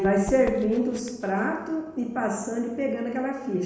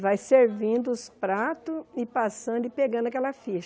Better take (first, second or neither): second